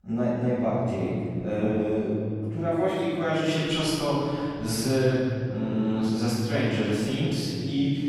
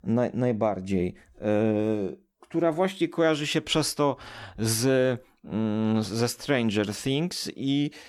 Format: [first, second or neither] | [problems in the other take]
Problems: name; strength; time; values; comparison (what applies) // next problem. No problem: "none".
second | room echo; strong; dies away in 2.9 s // off-mic speech; far